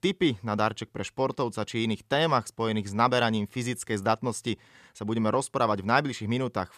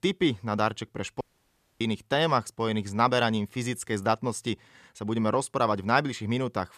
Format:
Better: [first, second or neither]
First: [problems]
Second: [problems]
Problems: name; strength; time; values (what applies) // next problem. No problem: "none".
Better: first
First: none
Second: audio cutting out; at 1 s for 0.5 s